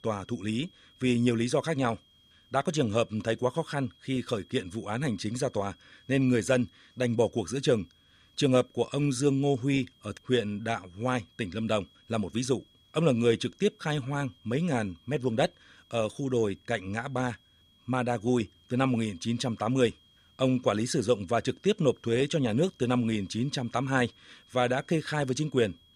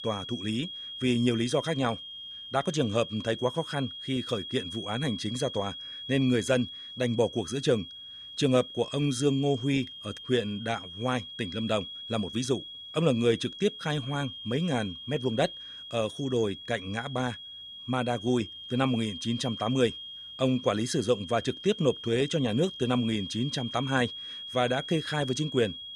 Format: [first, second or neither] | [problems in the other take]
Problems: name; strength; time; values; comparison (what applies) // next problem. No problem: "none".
first | high-pitched whine; loud; throughout; 3.5 kHz, 10 dB below the speech; faint in the first